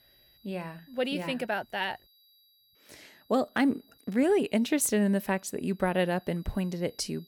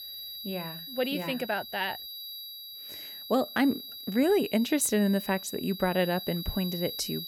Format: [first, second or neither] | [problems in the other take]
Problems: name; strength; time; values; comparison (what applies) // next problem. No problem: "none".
first | high-pitched whine; loud; throughout; 4 kHz, 10 dB below the speech; faint in the first